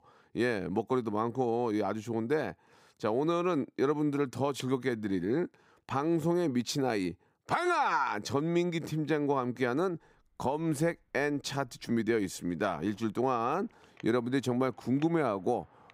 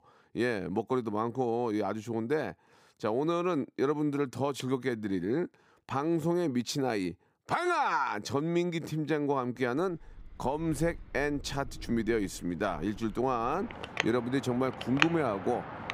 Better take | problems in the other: first | traffic noise; loud; from 10 s on; 7 dB below the speech; faint in the first

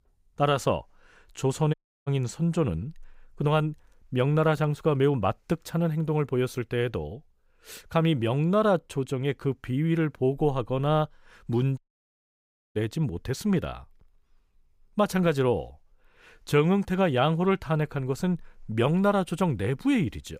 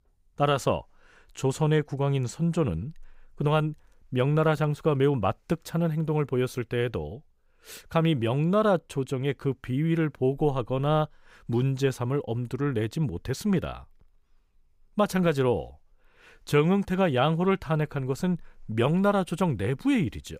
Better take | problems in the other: second | audio cutting out; at 1.5 s and at 12 s for 1 s

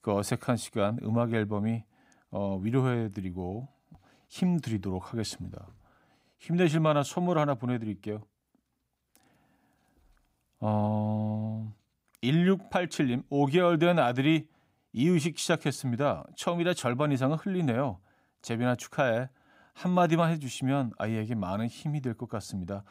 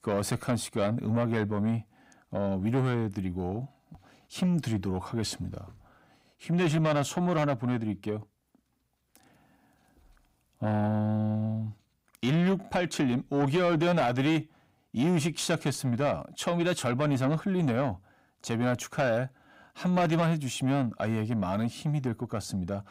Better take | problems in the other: first | distortion; slight; 10 dB below the speech

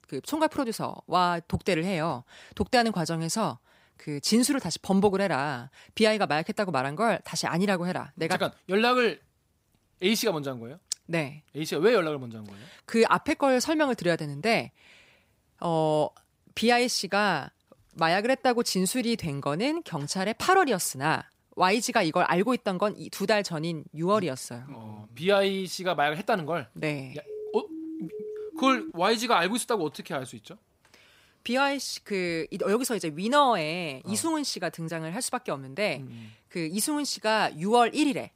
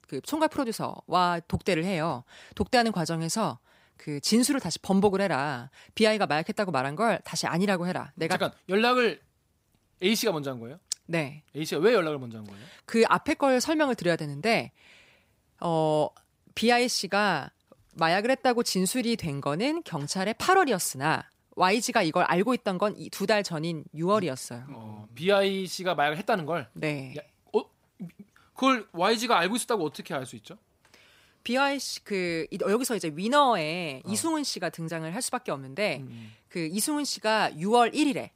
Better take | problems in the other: second | siren; faint; from 27 to 29 s; peak 10 dB below the speech

